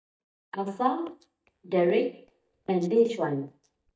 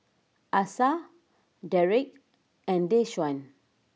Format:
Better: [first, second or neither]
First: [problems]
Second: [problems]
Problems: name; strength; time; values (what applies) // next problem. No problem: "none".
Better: second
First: noise reduction (neural mask model DeepFilterNet 3)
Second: none